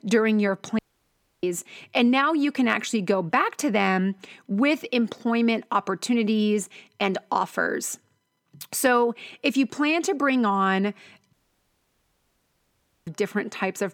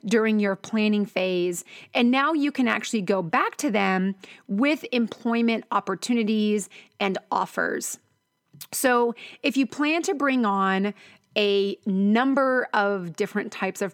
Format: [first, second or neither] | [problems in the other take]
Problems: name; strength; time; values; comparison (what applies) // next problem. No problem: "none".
second | audio cutting out; at 1 s for 0.5 s and at 11 s for 1.5 s